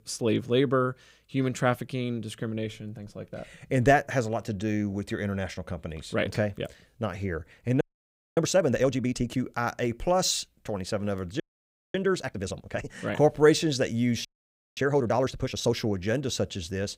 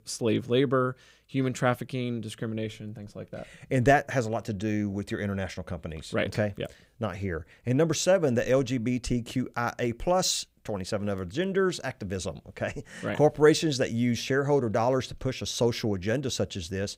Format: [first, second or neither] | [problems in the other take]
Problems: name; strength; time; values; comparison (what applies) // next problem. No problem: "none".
second | audio freezing; at 8 s for 0.5 s, at 11 s for 0.5 s and at 14 s for 0.5 s